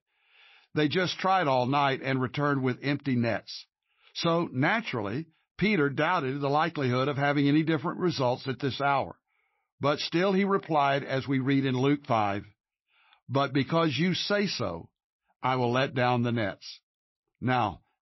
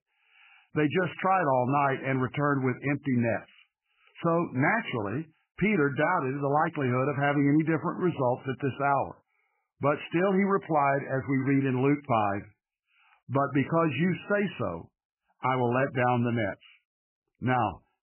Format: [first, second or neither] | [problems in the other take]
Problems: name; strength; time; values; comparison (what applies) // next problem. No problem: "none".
first | garbled, watery; badly; nothing above 3 kHz; slightly in the first